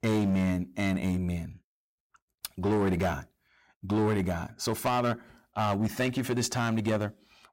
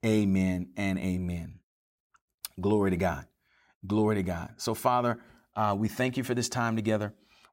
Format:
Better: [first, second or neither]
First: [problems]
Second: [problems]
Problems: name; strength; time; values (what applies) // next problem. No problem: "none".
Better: second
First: distortion; slight; 10% of the sound clipped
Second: none